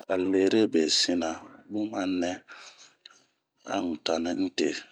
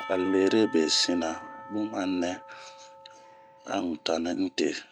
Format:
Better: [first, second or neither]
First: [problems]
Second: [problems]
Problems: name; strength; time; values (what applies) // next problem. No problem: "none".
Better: first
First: none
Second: background sound (Church bell / Percussion); 15 dB below the speech